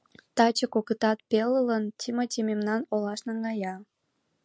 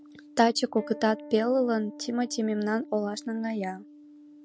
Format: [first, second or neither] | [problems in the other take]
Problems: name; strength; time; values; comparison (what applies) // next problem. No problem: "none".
first | background sound (Acoustic guitar); 17 dB below the speech